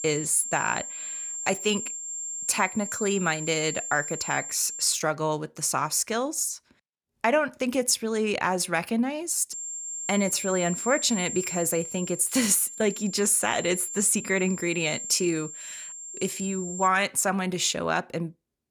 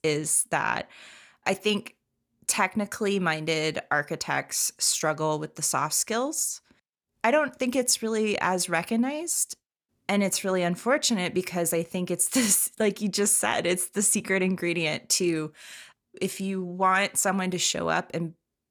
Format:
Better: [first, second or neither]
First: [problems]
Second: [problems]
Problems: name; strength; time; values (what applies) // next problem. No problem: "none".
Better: second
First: high-pitched whine; loud; until 5 s and from 9.5 to 17 s; 7.5 kHz, 7 dB below the speech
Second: none